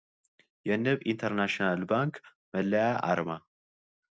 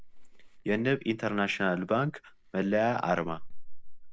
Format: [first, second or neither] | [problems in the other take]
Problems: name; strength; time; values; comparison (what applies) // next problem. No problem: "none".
first | background sound (Chewing, mastication); 9 dB below the speech